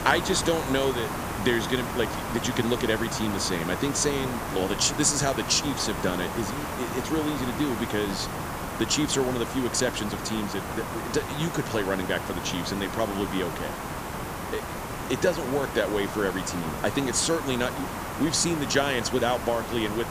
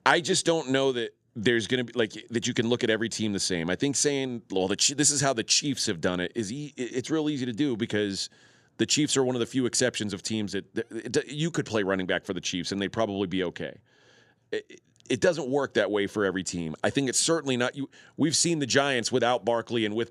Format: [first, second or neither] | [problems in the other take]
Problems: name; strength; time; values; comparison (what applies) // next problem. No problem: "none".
second | hiss; loud; throughout; 5 dB below the speech